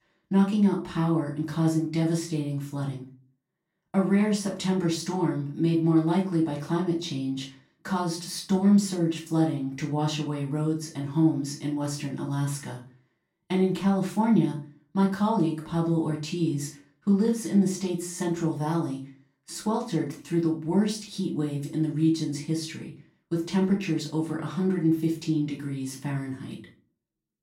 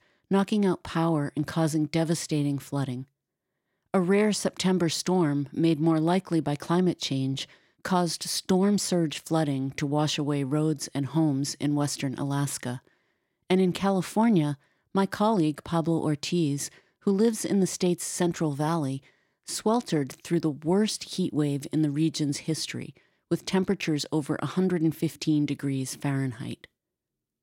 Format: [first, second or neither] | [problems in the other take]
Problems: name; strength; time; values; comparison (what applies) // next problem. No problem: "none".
second | off-mic speech; far // room echo; slight; dies away in 0.3 s